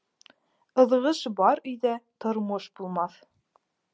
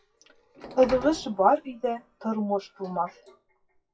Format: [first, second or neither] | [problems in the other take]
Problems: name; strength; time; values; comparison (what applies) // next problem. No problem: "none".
first | noise reduction (classical method WPE with log-MMSE)